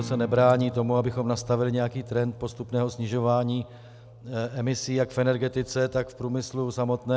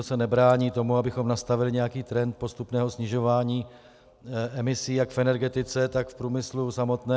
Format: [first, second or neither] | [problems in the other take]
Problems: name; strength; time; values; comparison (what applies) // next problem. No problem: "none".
second | background sound (Acoustic guitar); 16 dB below the speech